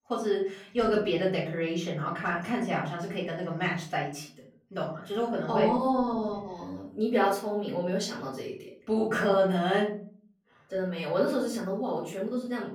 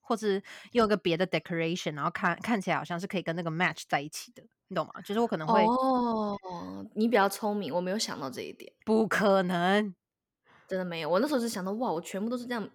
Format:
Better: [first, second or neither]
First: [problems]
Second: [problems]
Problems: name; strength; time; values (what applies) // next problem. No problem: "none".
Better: second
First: off-mic speech; far // room echo; slight; dies away in 0.5 s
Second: none